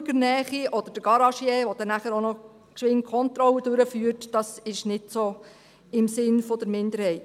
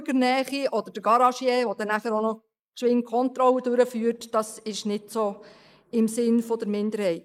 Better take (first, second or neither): first